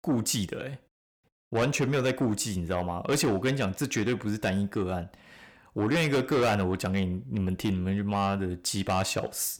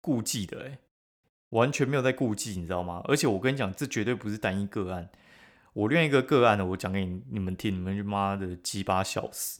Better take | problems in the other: second | distortion; heavy; 7 dB below the speech

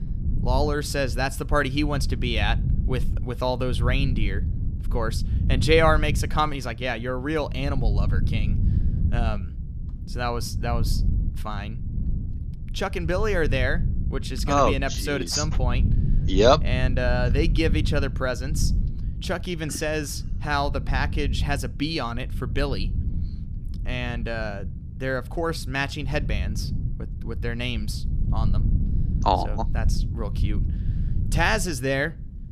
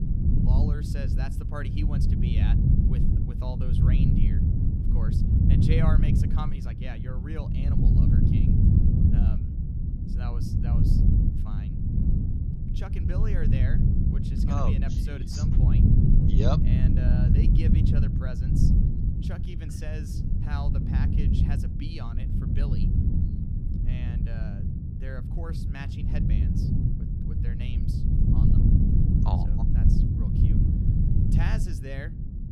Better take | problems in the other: first | wind noise on the microphone; heavy; 4 dB above the speech; occasional gusts in the first

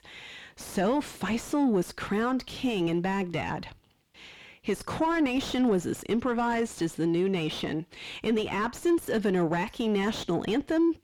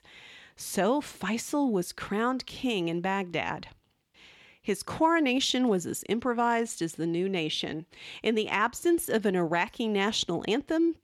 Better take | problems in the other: second | distortion; heavy; 7 dB below the speech

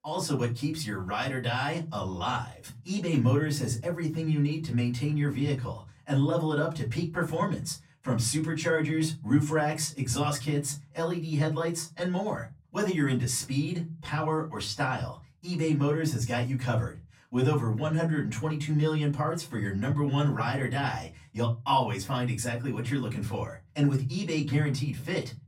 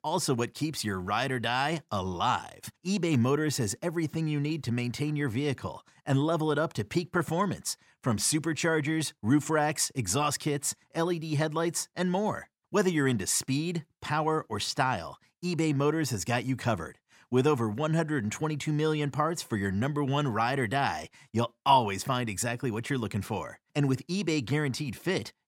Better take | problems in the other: second | off-mic speech; far // room echo; very slight; dies away in 0.3 s

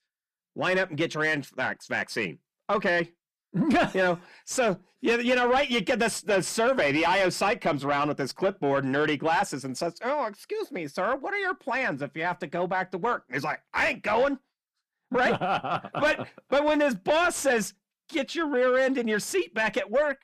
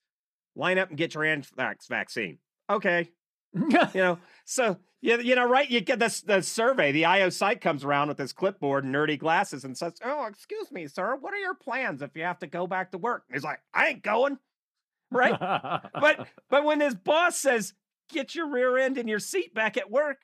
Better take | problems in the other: second | distortion; slight; 10 dB below the speech

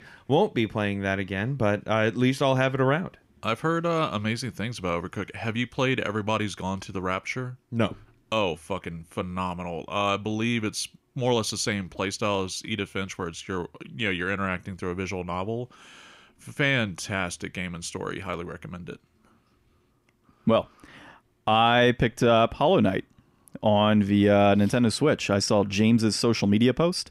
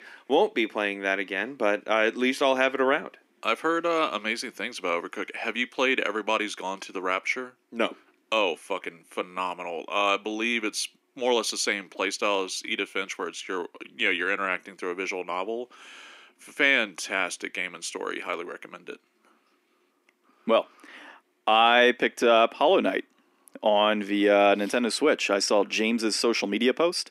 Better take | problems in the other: first | thin; somewhat; fading below 250 Hz

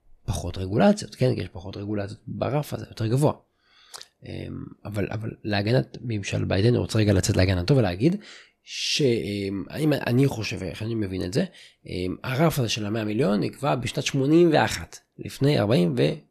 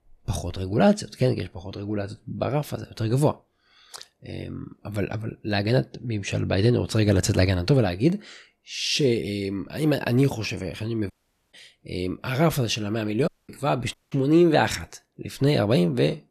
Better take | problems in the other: first | audio cutting out; at 11 s, at 13 s and at 14 s

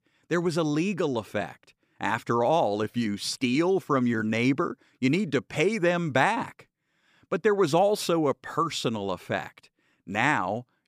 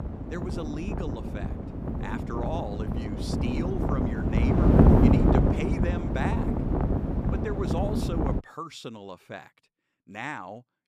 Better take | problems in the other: first | wind noise on the microphone; heavy; until 8.5 s; 5 dB above the speech

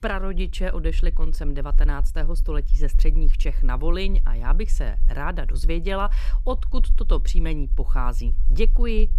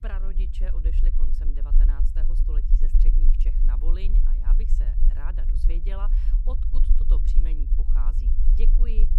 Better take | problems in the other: first | low rumble; loud; throughout; 3 dB below the speech; faint in the first

